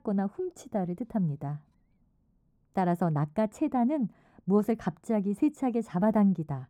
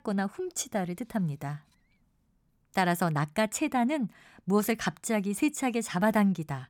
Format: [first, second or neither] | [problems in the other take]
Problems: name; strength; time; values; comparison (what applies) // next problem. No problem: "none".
second | muffled; very; fading above 1.5 kHz